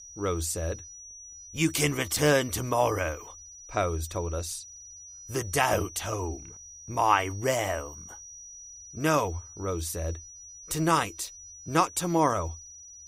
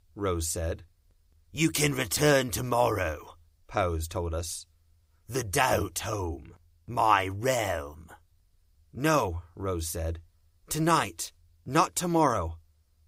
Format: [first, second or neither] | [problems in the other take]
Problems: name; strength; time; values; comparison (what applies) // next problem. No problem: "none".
second | high-pitched whine; noticeable; throughout; 6 kHz, 15 dB below the speech